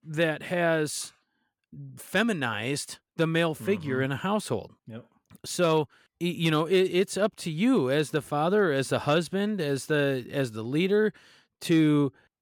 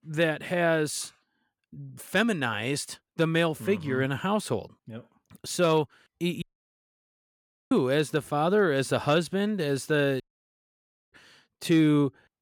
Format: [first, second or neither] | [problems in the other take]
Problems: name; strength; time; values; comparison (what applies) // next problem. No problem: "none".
first | audio cutting out; at 6.5 s for 1.5 s and at 10 s for 1 s